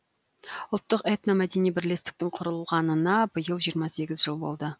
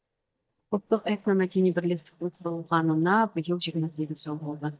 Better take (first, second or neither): first